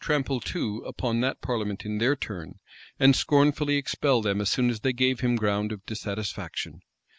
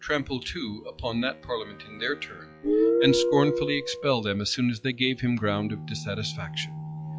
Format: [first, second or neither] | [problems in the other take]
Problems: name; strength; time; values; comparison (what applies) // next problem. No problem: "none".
first | noise reduction (classical method log-MMSE)